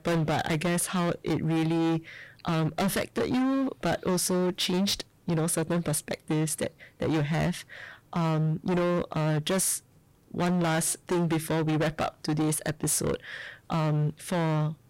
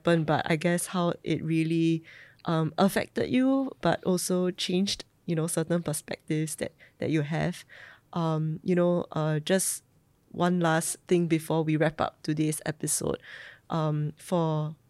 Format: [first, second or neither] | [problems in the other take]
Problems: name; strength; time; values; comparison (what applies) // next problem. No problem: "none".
second | distortion; heavy; 22% of the sound clipped